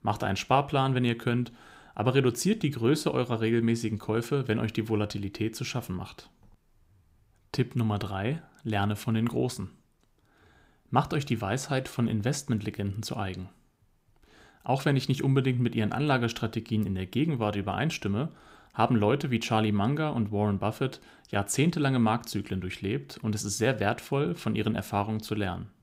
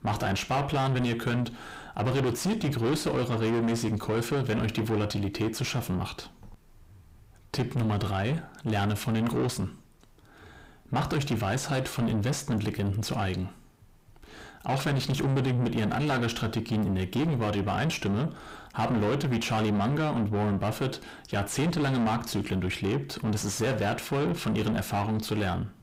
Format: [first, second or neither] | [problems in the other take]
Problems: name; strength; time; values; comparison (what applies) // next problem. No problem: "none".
first | distortion; heavy; 5 dB below the speech